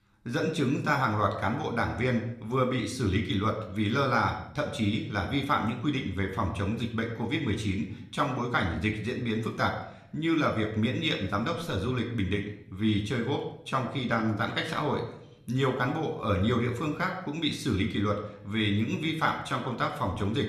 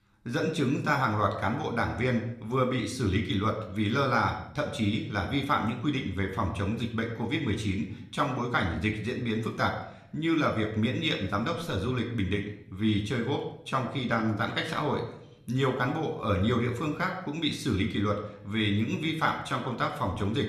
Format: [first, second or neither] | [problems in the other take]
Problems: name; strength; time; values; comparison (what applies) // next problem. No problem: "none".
neither | room echo; slight; dies away in 0.6 s; the same in both